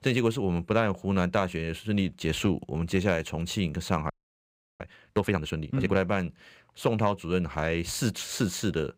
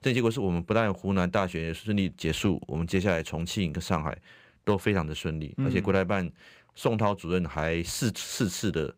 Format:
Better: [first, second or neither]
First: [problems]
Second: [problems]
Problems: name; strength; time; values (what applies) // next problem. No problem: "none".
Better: second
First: audio freezing; at 4 s for 0.5 s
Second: none